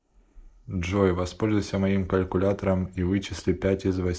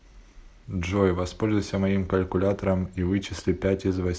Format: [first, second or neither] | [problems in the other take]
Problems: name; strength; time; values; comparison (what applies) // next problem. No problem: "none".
second | noise reduction (neural mask model Resemble Enhance denoiser)